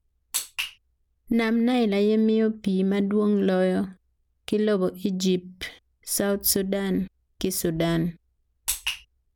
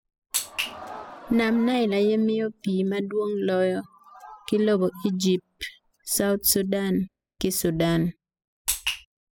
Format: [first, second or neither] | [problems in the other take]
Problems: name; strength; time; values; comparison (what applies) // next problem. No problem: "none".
first | noise reduction (classical method spectral subtraction)